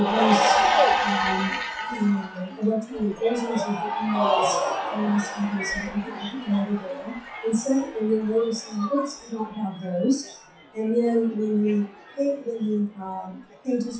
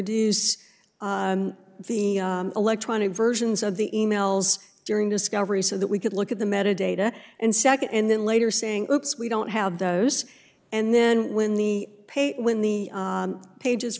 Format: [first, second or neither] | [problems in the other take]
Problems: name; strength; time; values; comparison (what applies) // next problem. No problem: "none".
second | noise reduction (classical method WPE with log-MMSE)